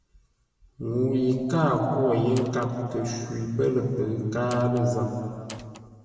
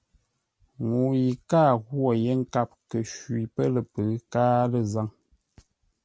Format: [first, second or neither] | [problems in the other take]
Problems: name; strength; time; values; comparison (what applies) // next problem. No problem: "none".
second | background sound (Door); 18 dB below the speech // room echo; dies away in 2.4 s